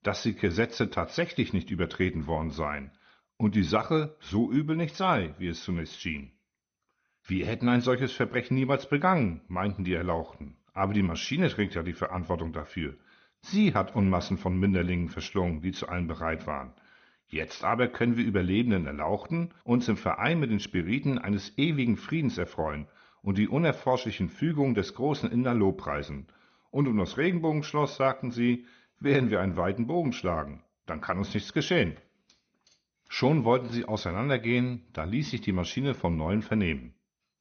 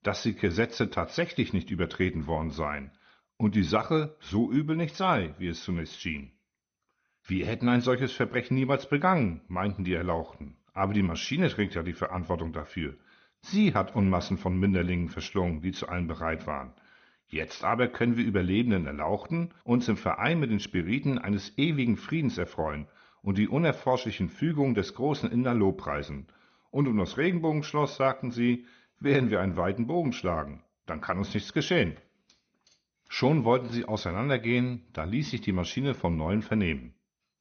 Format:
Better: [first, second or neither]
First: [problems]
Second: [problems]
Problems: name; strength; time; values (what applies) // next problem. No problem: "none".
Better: neither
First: garbled, watery; slightly; nothing above 6.5 kHz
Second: garbled, watery; slightly; nothing above 6.5 kHz